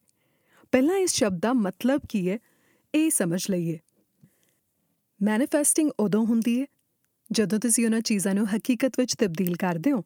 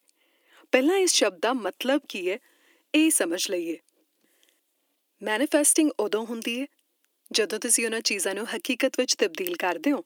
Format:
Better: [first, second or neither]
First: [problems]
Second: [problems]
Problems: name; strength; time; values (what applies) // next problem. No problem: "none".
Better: first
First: none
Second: thin; somewhat; fading below 300 Hz